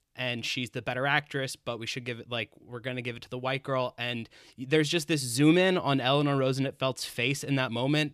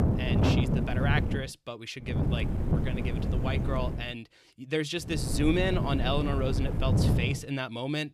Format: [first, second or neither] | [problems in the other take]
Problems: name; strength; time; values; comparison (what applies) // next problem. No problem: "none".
first | wind noise on the microphone; heavy; until 1.5 s, from 2 to 4 s and from 5 to 7.5 s; 4 dB below the speech